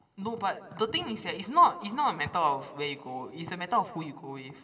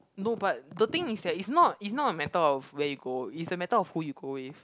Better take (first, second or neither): second